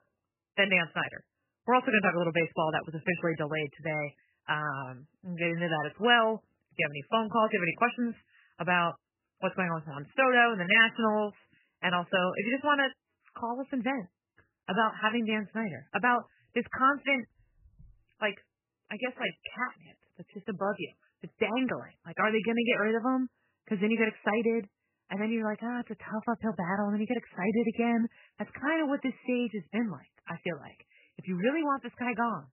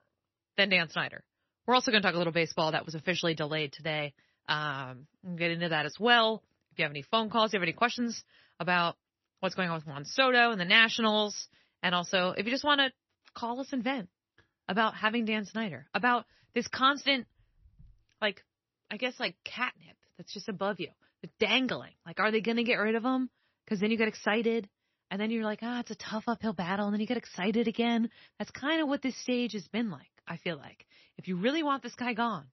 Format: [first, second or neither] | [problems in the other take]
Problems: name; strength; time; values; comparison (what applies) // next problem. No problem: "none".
second | garbled, watery; badly; nothing above 3 kHz; slightly in the second